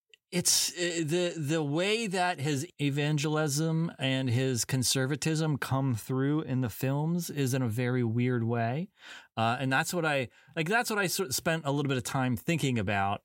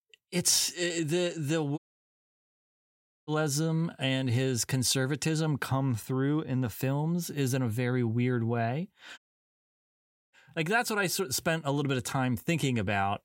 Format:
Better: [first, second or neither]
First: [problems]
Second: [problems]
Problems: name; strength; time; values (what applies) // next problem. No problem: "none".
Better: first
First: none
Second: audio cutting out; at 2 s for 1.5 s and at 9 s for 1 s